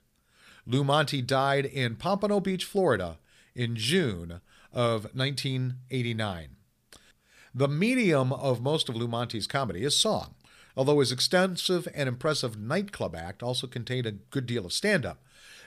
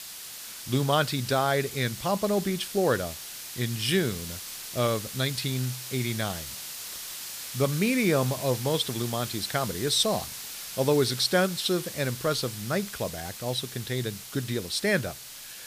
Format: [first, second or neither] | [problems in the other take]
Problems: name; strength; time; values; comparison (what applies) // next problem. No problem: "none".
first | hiss; loud; throughout; 9 dB below the speech